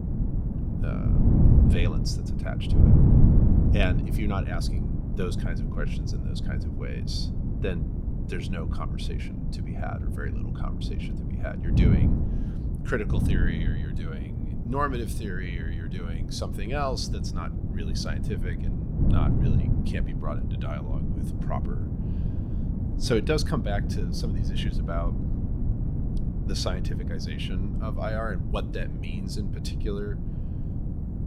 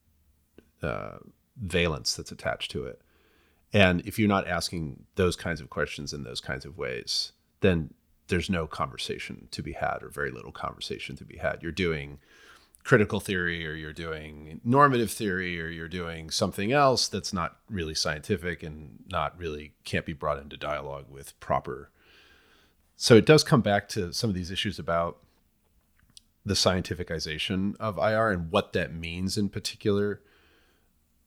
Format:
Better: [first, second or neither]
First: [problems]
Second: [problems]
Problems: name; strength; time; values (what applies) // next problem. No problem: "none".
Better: second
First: wind noise on the microphone; heavy; 3 dB below the speech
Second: none